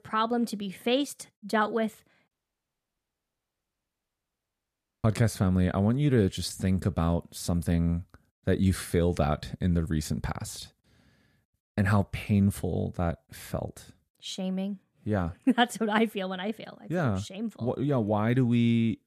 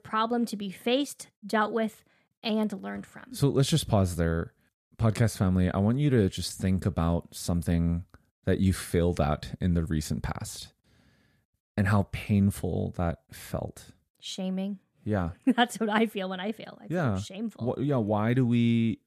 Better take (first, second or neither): second